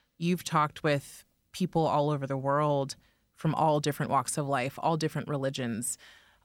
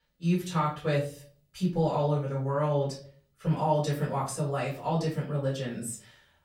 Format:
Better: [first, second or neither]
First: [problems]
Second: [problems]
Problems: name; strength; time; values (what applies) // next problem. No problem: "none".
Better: first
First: none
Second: off-mic speech; far // room echo; slight; dies away in 0.4 s